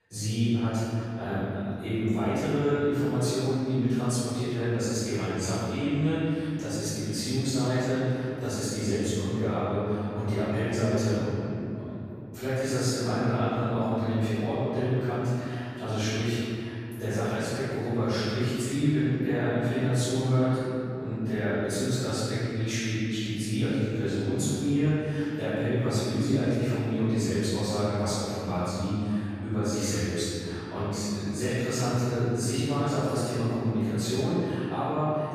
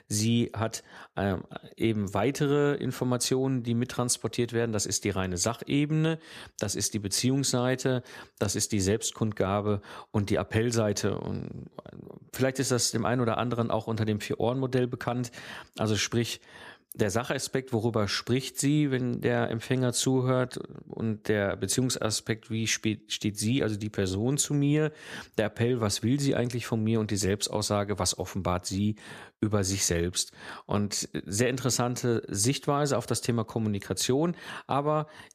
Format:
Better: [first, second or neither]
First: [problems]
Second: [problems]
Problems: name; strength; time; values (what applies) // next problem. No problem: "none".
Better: second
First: room echo; strong; dies away in 2.8 s // off-mic speech; far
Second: none